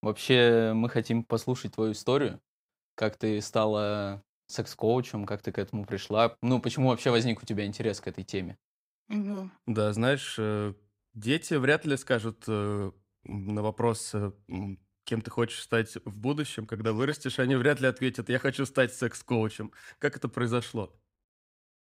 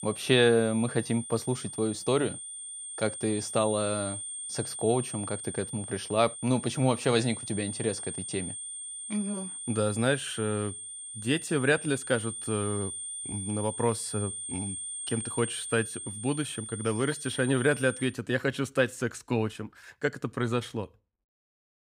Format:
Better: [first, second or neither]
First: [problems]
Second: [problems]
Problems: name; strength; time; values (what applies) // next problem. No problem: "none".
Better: first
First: none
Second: high-pitched whine; loud; until 18 s; 9 kHz, 7 dB below the speech